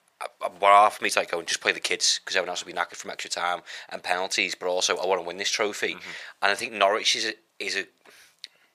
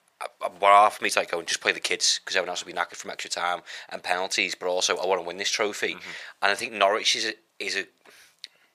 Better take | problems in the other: neither | thin; very; fading below 700 Hz; the same in both

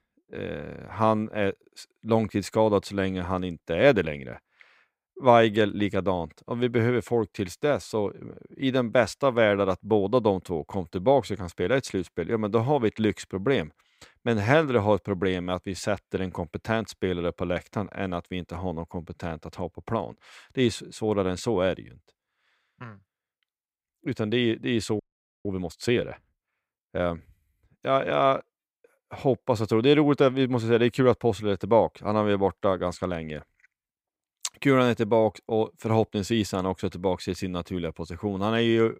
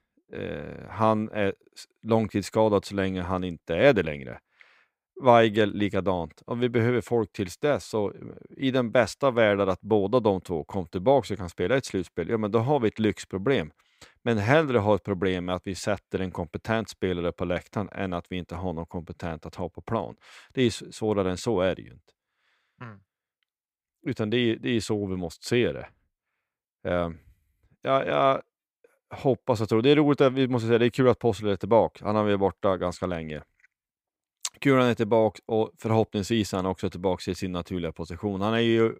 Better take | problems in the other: second | audio freezing; at 25 s

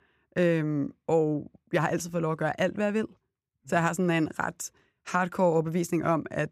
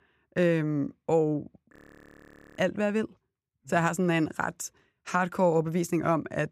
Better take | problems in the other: first | audio freezing; at 1.5 s for 1 s

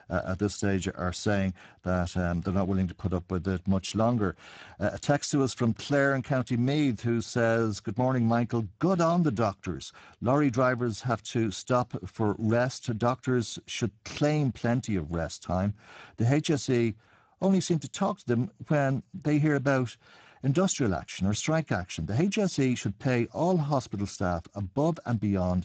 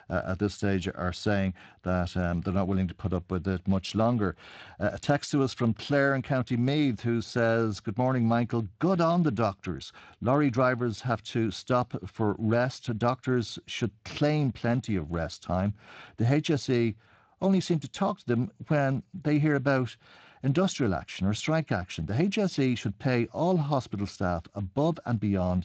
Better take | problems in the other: second | garbled, watery; badly; nothing above 7.5 kHz; slightly in the second

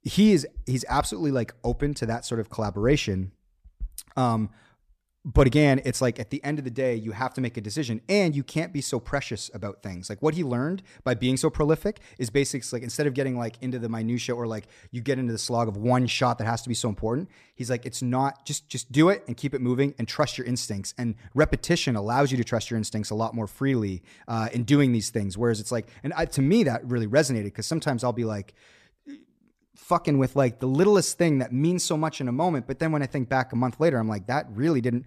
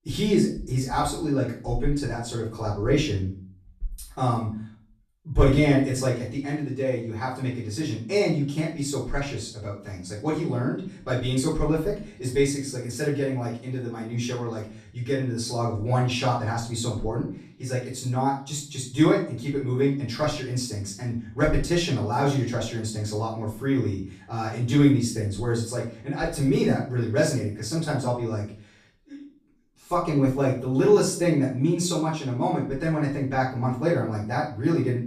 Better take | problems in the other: first | off-mic speech; far // room echo; noticeable; dies away in 0.4 s

